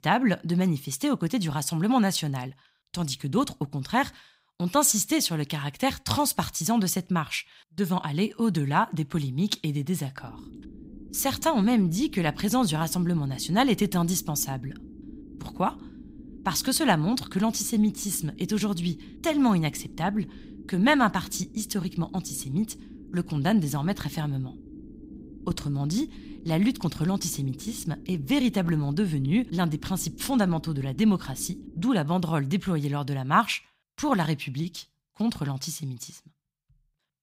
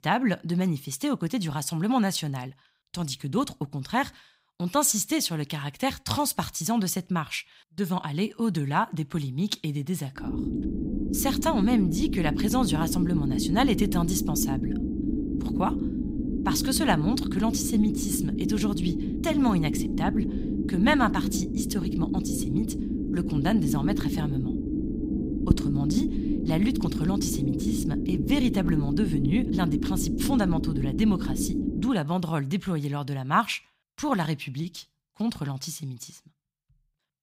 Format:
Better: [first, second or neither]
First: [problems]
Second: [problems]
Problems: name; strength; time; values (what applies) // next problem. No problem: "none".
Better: first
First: low rumble; faint; from 10 to 32 s; 20 dB below the speech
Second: low rumble; loud; from 10 to 32 s; 4 dB below the speech